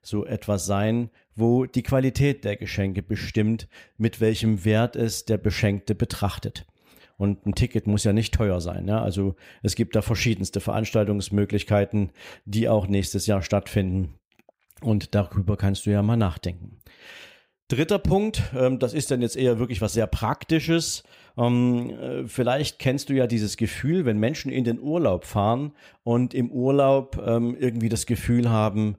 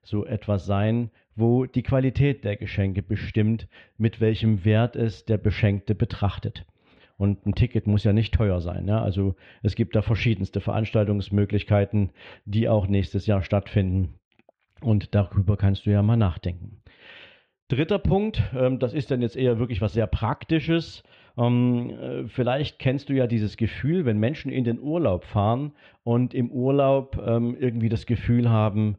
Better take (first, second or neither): first